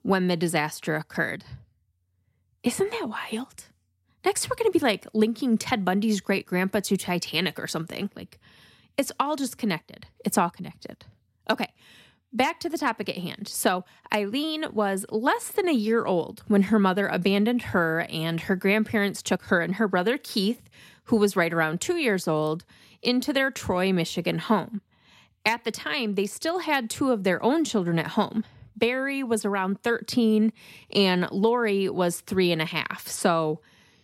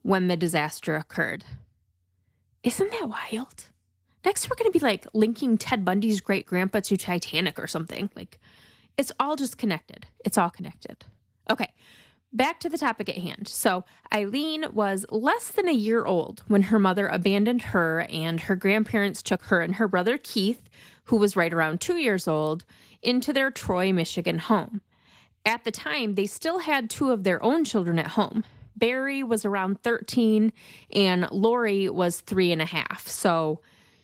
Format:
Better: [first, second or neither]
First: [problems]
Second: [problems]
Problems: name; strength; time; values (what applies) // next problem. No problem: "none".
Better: first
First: none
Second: garbled, watery; slightly; nothing above 16 kHz